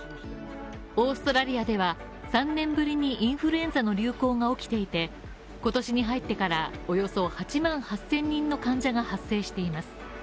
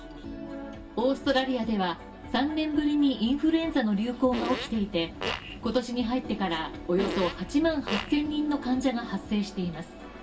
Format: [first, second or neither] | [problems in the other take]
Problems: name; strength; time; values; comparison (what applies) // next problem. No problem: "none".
first | background sound (Fart); 7 dB below the speech // room echo; dies away in 0.2 s